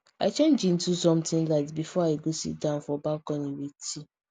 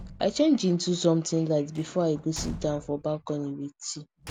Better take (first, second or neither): first